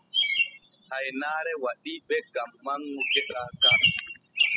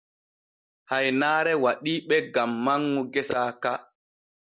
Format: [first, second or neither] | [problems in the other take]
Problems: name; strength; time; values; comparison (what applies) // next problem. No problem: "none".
second | noise reduction (classical method spectral subtraction)